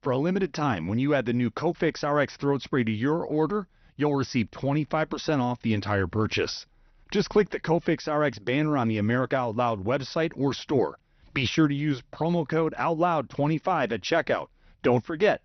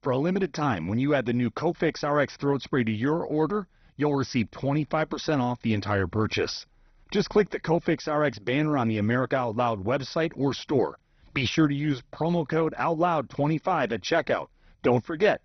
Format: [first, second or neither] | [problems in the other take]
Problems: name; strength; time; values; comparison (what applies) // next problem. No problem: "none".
first | garbled, watery; badly; nothing above 6 kHz; slightly in the first